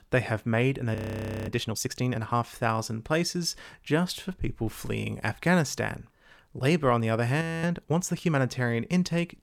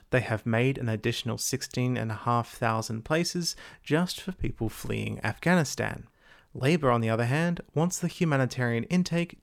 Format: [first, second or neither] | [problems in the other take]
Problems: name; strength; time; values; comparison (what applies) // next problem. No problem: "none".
second | audio freezing; at 1 s for 0.5 s and at 7.5 s